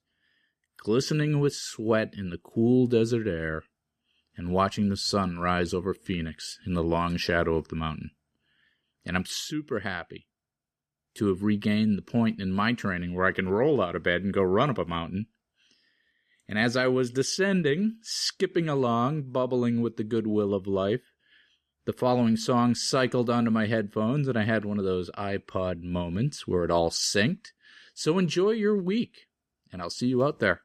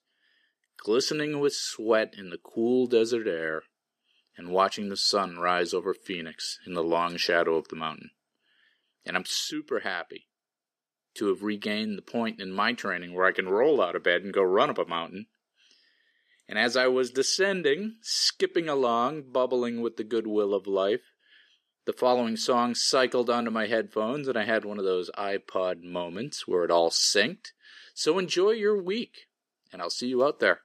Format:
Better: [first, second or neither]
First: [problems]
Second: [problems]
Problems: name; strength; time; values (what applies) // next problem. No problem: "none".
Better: first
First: none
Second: thin; somewhat; fading below 400 Hz